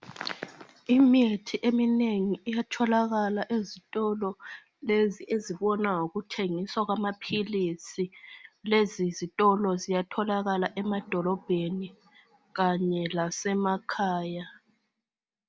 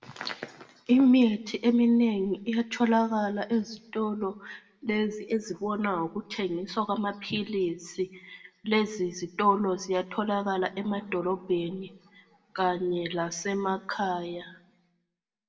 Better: first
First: none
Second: room echo; dies away in 0.6 s

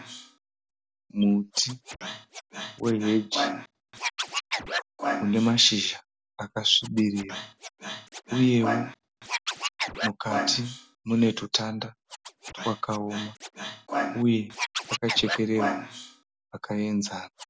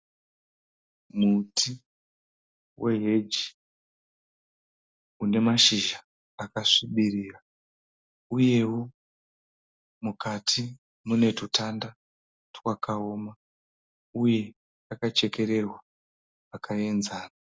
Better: second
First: background sound (Scratching (performance technique)); 6 dB below the speech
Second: none

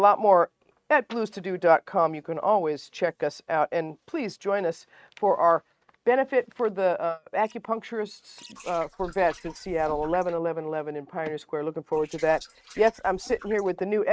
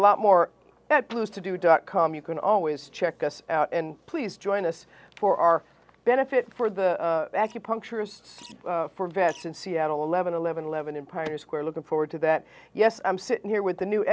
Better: second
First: noise reduction (neural mask model RNNoise)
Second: none

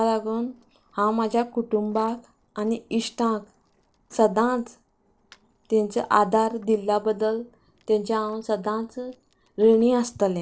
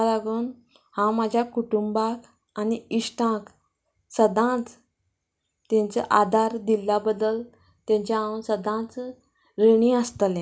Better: second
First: noise reduction (neural separator model SepFormer DNS4)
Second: none

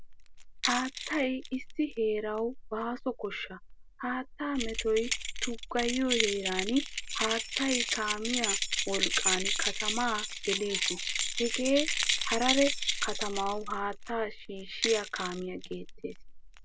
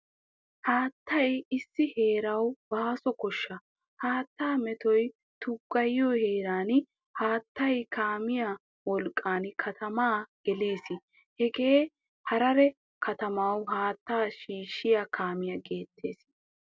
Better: second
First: background sound (Keys jangling); 1 dB below the speech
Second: none

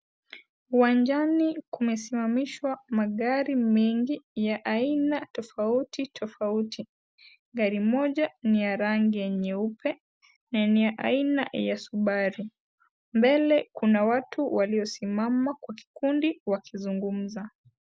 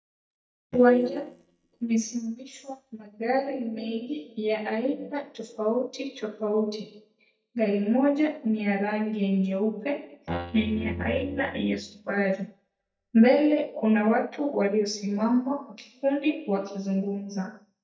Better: first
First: none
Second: noise reduction (neural mask model DeepFilterNet 3)

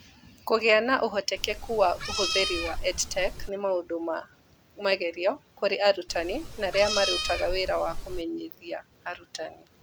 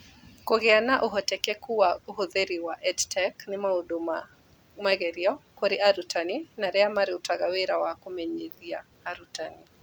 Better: second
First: background sound (Meow); 4 dB below the speech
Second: none

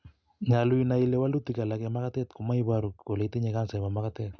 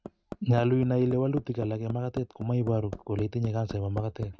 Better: first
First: none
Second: noise reduction (neural mask model RNNoise)

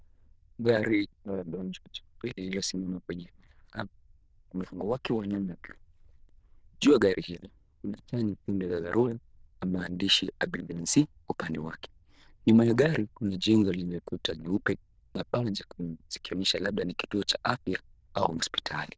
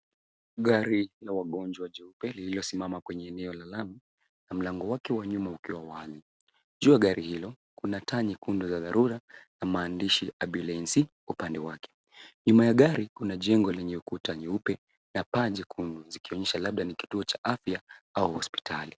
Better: second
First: noise reduction (neural diffusion model UNIVERSE++)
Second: none

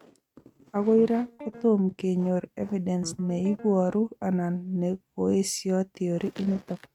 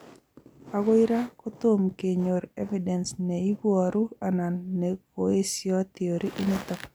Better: second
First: noise reduction (neural mask model RNNoise)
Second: none

